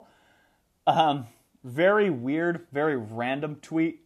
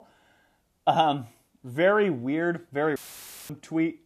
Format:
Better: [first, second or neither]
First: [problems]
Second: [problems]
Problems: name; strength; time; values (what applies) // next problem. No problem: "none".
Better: first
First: none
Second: audio cutting out; filled with static; at 3 s for 0.5 s